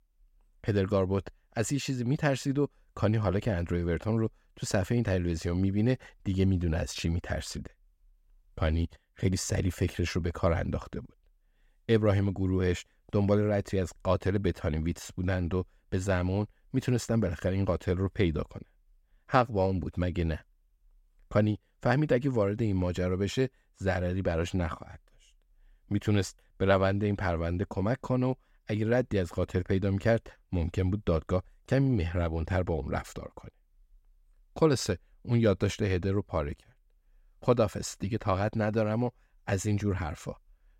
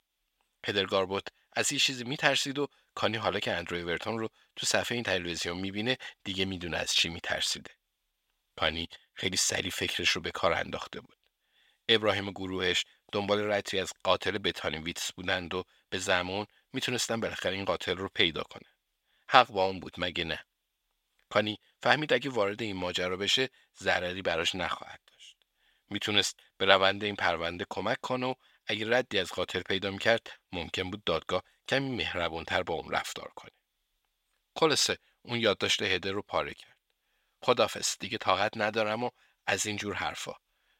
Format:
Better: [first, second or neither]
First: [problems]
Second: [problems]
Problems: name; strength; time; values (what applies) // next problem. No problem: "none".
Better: first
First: none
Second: thin; somewhat; fading below 950 Hz